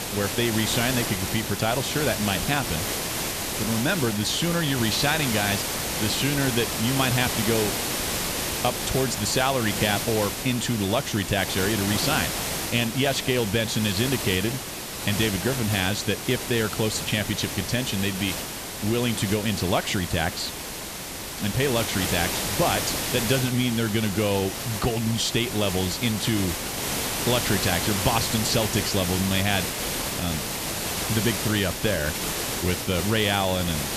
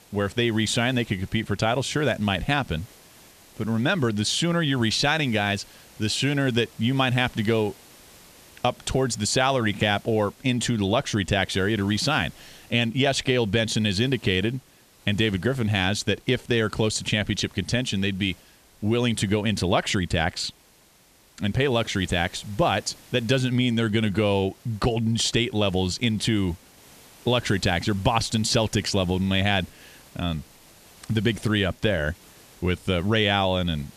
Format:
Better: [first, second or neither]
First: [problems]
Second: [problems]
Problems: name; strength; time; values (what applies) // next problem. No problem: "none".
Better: second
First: hiss; loud; throughout; 2 dB below the speech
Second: hiss; faint; throughout; 25 dB below the speech